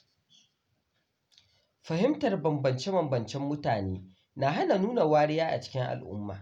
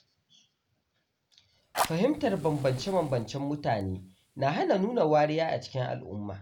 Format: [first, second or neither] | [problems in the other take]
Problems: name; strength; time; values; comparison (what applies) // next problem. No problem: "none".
first | background sound (Fire); 11 dB below the speech